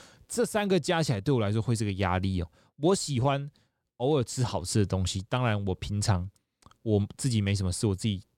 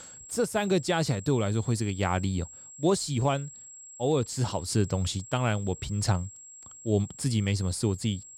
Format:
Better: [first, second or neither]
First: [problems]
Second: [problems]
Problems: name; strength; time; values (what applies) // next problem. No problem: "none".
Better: first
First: none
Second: high-pitched whine; noticeable; throughout; 7.5 kHz, 15 dB below the speech